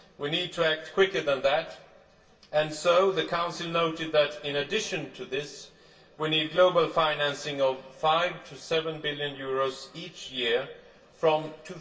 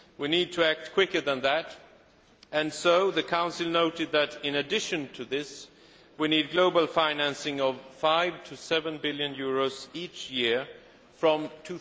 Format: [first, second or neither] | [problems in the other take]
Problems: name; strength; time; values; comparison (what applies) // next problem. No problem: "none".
second | room echo; dies away in 0.2 s